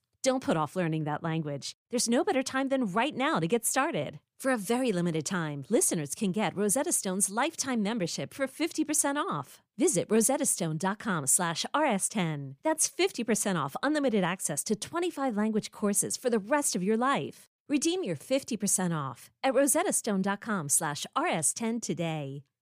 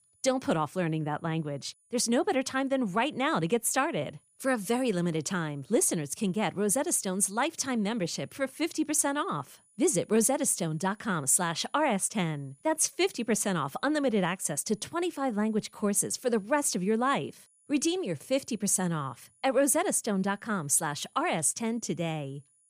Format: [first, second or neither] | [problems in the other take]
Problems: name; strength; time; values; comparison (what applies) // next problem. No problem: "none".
first | high-pitched whine; faint; throughout; 10 kHz, 35 dB below the speech